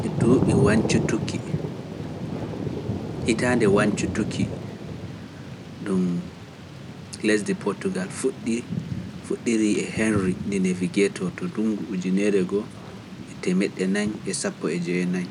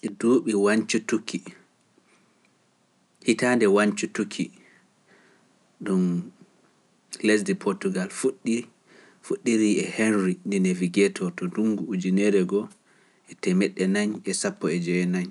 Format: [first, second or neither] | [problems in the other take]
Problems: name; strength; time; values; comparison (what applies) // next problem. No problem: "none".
second | background sound (Thunder / Rain); 4 dB below the speech